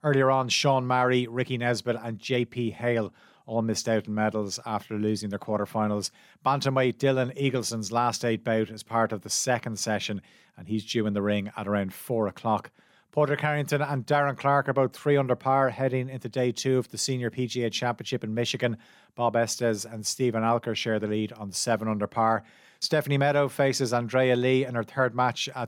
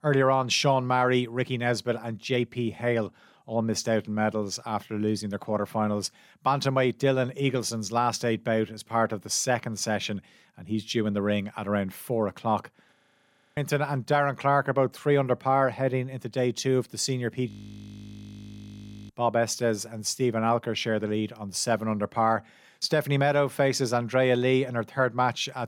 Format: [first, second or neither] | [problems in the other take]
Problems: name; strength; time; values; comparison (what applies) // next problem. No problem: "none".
first | audio freezing; at 13 s for 0.5 s and at 17 s for 1.5 s